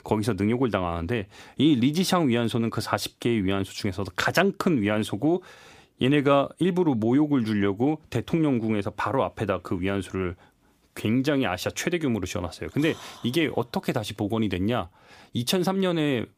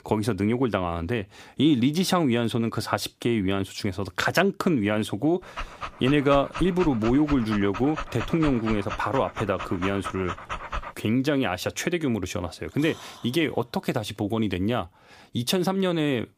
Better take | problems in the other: first | dog barking; noticeable; from 5.5 to 11 s; peak 8 dB below the speech

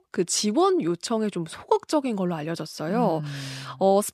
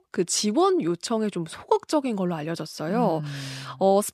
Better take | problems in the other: neither | none

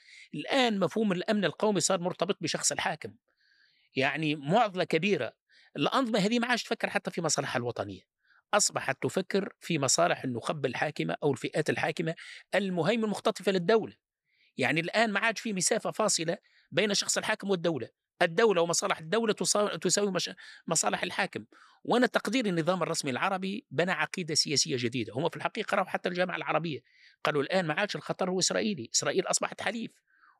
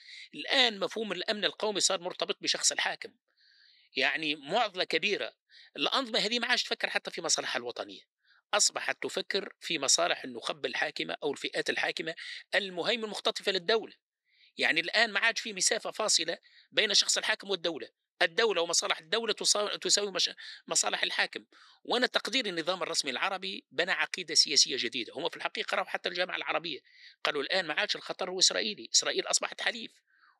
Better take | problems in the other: first | thin; somewhat; fading below 350 Hz

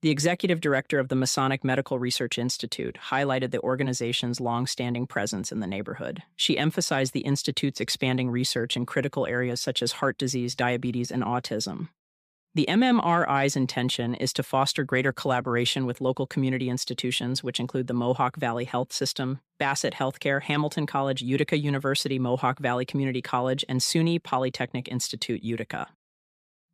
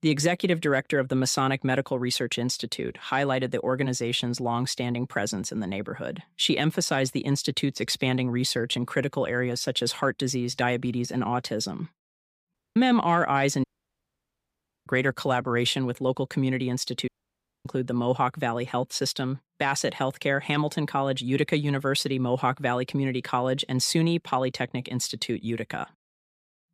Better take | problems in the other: first | audio cutting out; at 13 s, at 14 s for 1 s and at 17 s for 0.5 s

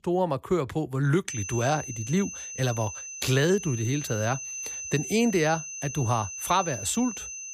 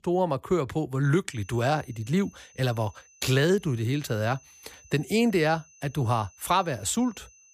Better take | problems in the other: second | high-pitched whine; loud; from 1.5 s on; 6 kHz, 8 dB below the speech; faint in the second

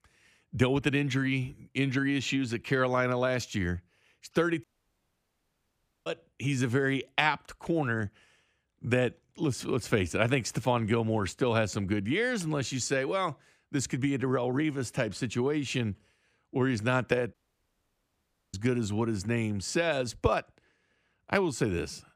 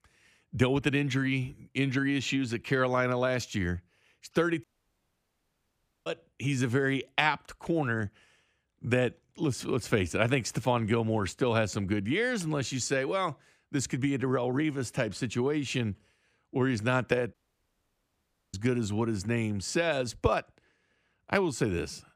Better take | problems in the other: neither | audio cutting out; at 4.5 s for 1.5 s and at 17 s for 1 s; the same in both

